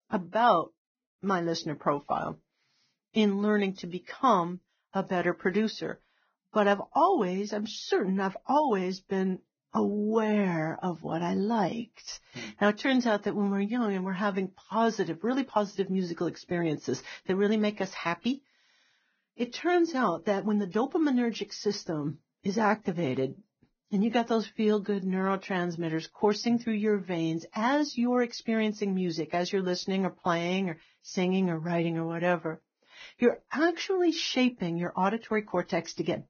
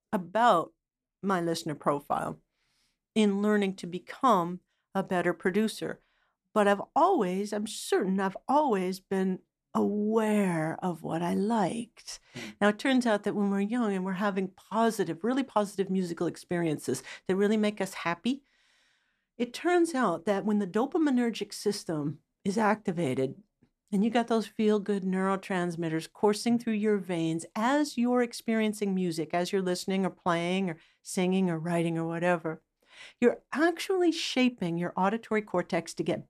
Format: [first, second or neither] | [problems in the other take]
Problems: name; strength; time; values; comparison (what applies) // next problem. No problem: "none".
second | garbled, watery; badly; nothing above 6.5 kHz